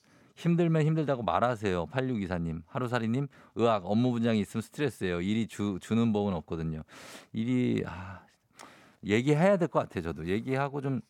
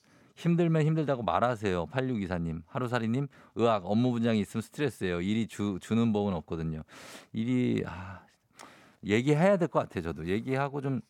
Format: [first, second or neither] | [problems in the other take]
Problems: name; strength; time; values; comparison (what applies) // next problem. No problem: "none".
neither | none